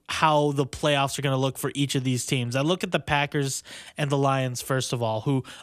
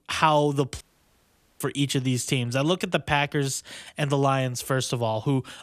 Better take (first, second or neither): first